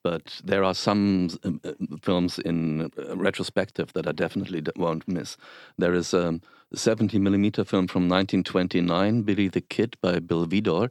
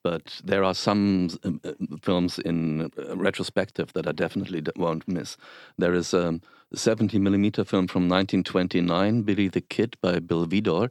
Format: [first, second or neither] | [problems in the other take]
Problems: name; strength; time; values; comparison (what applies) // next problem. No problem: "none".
neither | none